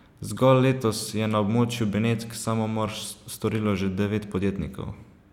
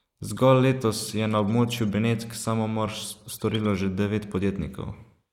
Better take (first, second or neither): first